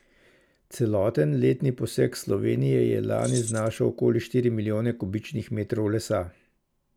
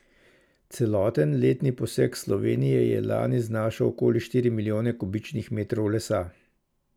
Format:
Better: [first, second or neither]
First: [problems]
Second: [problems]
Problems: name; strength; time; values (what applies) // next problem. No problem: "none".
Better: second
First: background sound (Keys jangling); 12 dB below the speech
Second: none